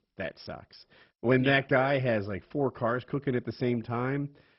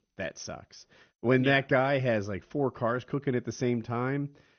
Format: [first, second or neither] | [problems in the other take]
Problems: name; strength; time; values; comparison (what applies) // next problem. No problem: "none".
second | garbled, watery; badly; nothing above 5.5 kHz; slightly in the second